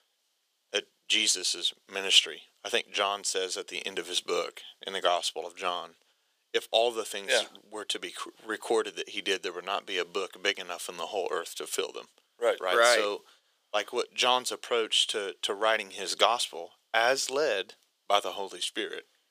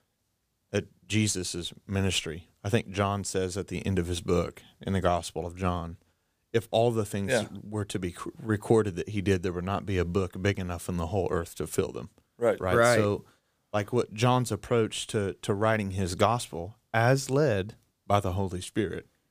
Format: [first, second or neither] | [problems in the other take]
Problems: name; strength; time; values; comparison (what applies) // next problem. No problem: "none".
second | thin; very; fading below 450 Hz